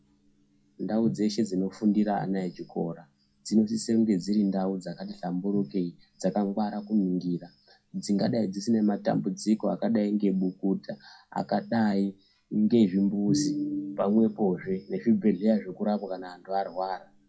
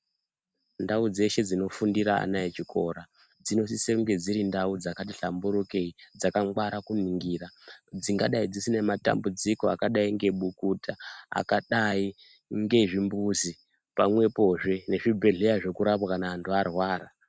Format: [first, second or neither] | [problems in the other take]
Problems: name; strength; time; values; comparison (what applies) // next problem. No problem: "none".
second | noise reduction (classical method WPE with log-MMSE)